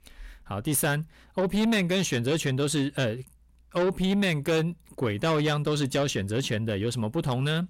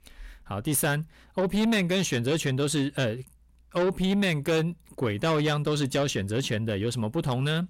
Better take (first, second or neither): neither